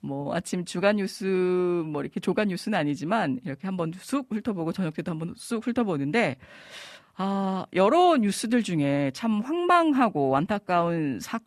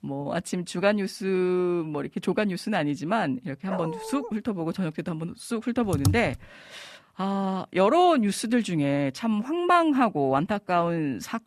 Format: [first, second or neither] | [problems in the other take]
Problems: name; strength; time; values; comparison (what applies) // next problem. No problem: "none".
first | dog barking; noticeable; at 3.5 s; peak 8 dB below the speech // keyboard typing; noticeable; at 6 s; peak 1 dB below the speech